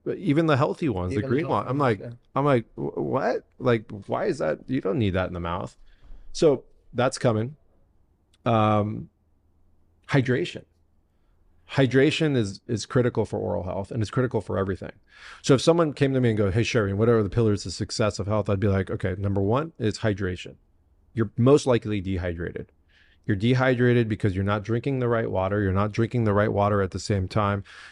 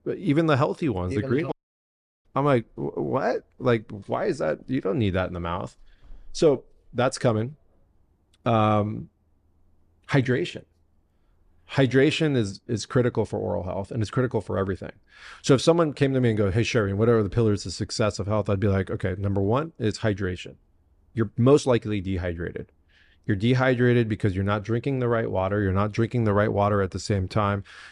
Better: first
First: none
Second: audio cutting out; at 1.5 s for 0.5 s

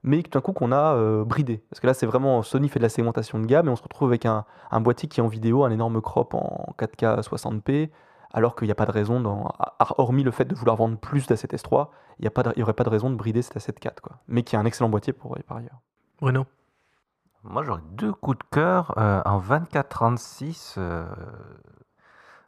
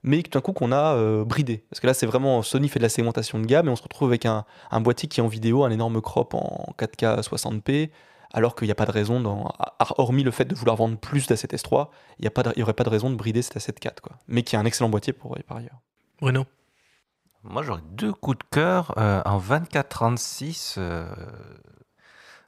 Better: second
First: muffled; slightly; fading above 2 kHz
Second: none

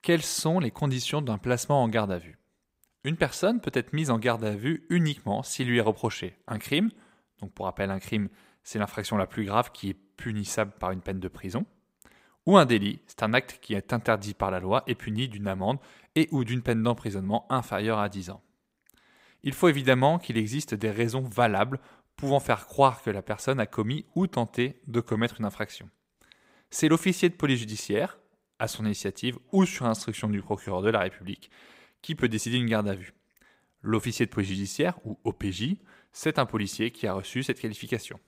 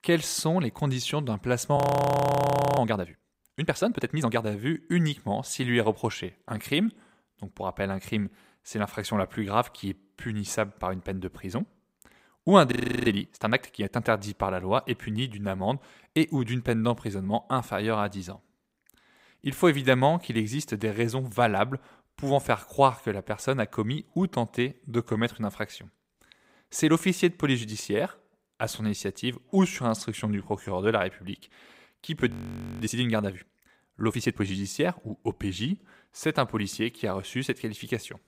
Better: first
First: none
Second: audio freezing; at 2 s for 1 s, at 13 s and at 32 s for 0.5 s

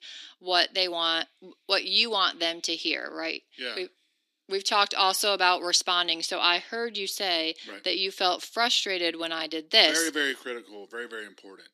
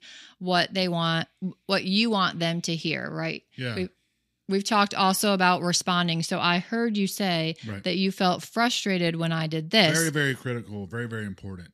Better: second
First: thin; very; fading below 300 Hz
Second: none

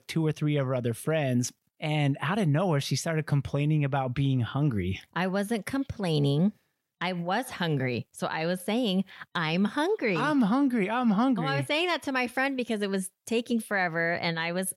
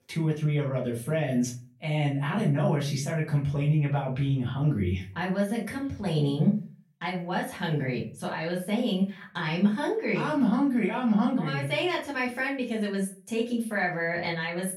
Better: first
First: none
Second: off-mic speech; far // room echo; slight; dies away in 0.3 s

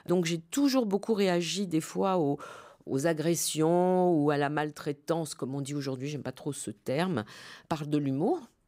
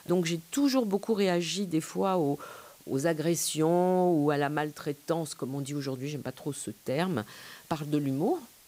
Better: first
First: none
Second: hiss; faint; throughout; 25 dB below the speech

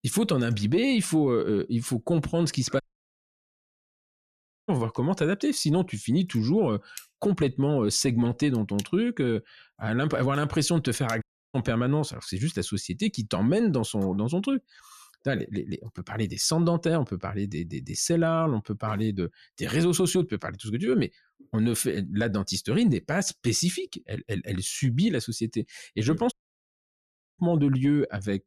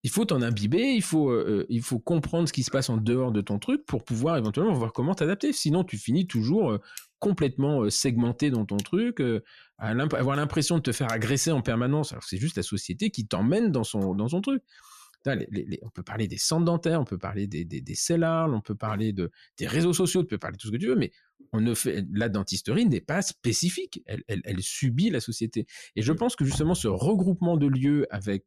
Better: second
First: audio cutting out; at 3 s for 2 s, at 11 s and at 26 s for 1 s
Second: none

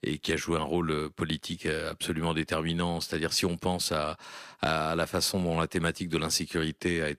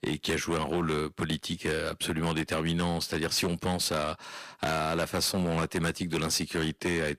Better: first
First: none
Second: distortion; slight; 10% of the sound clipped

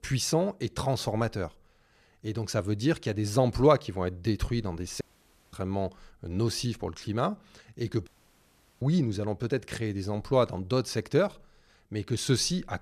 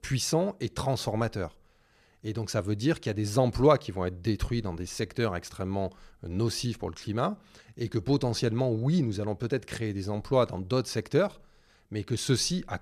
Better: second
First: audio cutting out; at 5 s for 0.5 s and at 8 s for 0.5 s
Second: none

